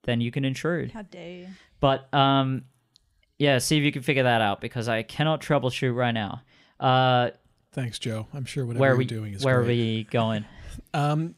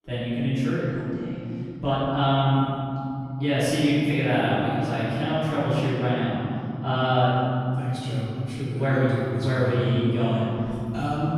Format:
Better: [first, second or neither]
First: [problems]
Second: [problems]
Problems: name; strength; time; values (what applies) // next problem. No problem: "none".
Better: first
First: none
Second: off-mic speech; far // room echo; strong; dies away in 3 s